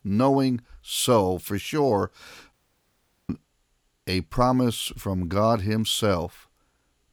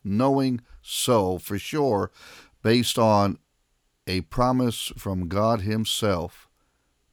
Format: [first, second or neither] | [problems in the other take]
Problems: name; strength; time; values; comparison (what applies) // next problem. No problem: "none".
second | audio cutting out; at 2.5 s for 1 s